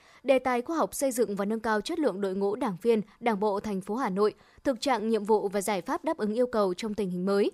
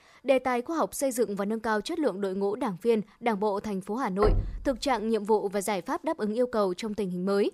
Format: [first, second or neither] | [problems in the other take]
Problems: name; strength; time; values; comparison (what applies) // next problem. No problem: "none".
first | door banging; noticeable; at 4 s; peak 1 dB below the speech